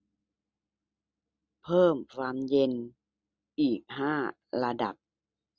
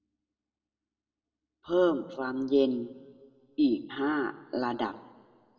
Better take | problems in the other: first | room echo; dies away in 0.9 s

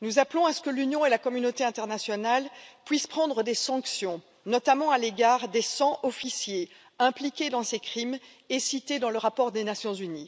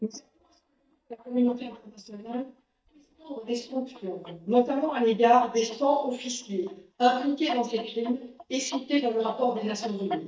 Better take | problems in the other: first | noise reduction (neural mask model DeepFilterNet 3)

